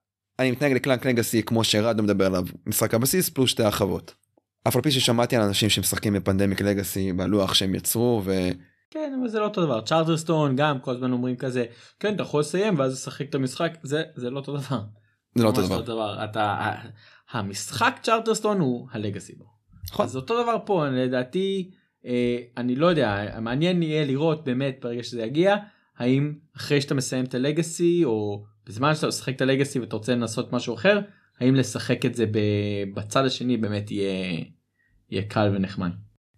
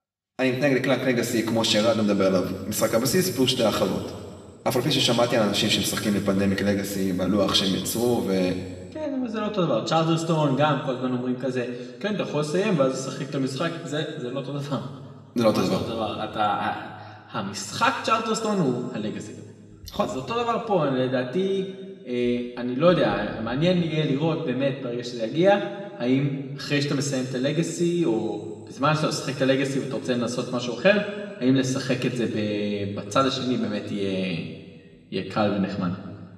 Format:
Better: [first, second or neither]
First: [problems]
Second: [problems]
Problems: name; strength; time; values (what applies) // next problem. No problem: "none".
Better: first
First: none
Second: room echo; noticeable; dies away in 1.8 s // off-mic speech; somewhat distant